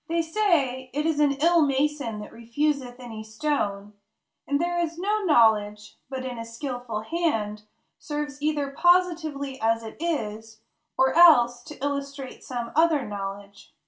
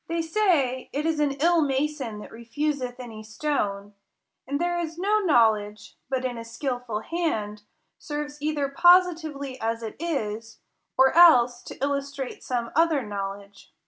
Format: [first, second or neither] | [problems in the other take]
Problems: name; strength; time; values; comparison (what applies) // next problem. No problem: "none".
second | room echo; dies away in 0.2 s